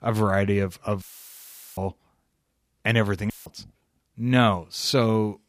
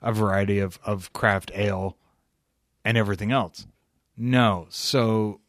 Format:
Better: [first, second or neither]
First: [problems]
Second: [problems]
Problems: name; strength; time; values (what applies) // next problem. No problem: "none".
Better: second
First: audio cutting out; filled with static; at 1 s for 1 s and at 3.5 s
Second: none